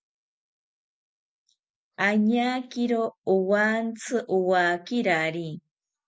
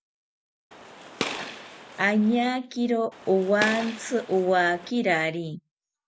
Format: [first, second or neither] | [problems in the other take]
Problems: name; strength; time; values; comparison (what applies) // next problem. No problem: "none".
first | background sound (Gunshot, gunfire); 11 dB below the speech